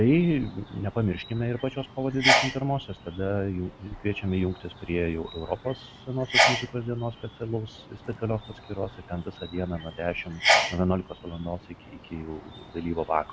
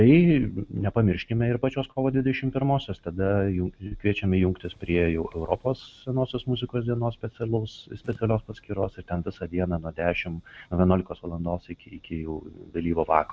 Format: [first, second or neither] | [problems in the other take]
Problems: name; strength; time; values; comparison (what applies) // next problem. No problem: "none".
second | background sound (Sneeze); 2 dB below the speech